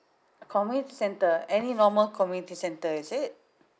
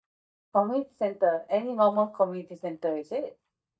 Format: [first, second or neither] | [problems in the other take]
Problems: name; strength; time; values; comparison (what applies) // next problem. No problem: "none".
first | noise reduction (neural mask model DeepFilterNet 3)